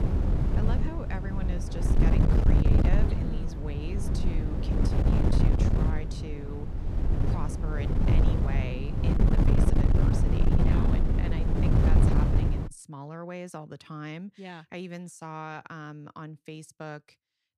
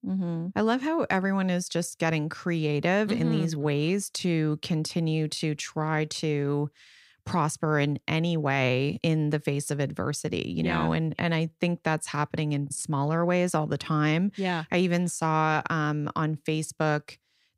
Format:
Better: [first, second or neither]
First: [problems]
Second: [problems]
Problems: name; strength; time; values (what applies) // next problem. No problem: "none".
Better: second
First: wind noise on the microphone; heavy; until 13 s; 5 dB above the speech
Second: none